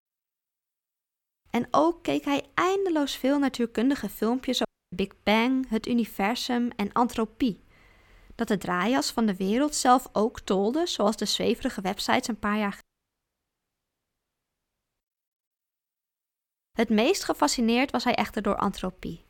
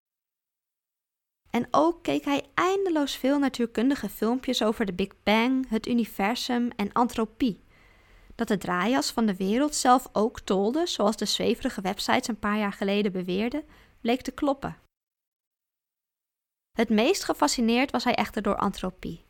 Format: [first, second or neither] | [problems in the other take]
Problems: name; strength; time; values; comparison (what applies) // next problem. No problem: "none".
second | audio cutting out; at 4.5 s and at 13 s for 2 s